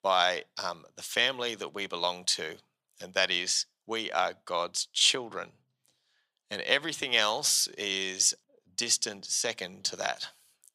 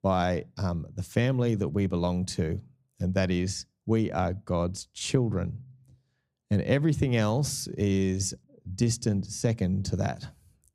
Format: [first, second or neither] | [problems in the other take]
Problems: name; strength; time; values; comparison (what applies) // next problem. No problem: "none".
second | thin; very; fading below 900 Hz